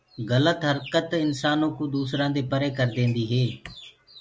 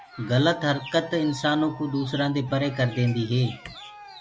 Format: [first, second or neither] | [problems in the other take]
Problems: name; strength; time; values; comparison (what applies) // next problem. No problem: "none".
first | background sound (Cheering); 19 dB below the speech